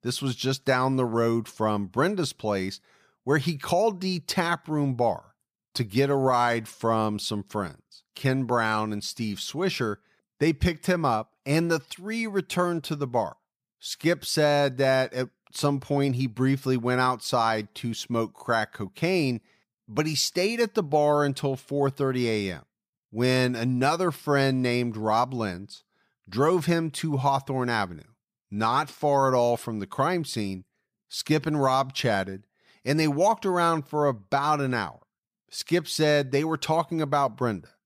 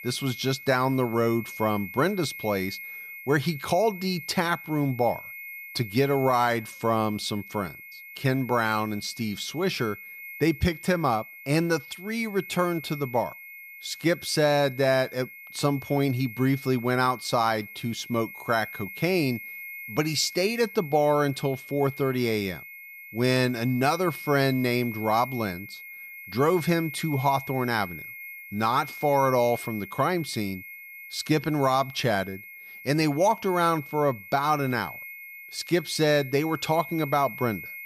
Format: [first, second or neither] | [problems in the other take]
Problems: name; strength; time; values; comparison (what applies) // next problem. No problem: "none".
first | high-pitched whine; noticeable; throughout; 2 kHz, 15 dB below the speech